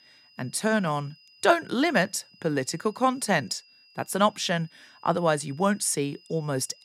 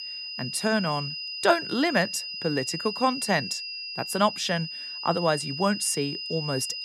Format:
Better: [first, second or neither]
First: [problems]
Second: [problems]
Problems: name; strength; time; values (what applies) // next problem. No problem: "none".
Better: first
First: high-pitched whine; faint; throughout; 5 kHz, 30 dB below the speech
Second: high-pitched whine; loud; throughout; 5 kHz, 6 dB below the speech